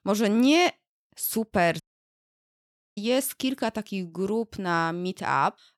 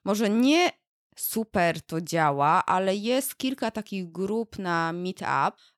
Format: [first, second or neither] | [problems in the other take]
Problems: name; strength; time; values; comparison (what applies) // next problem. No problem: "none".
second | audio cutting out; at 2 s for 1 s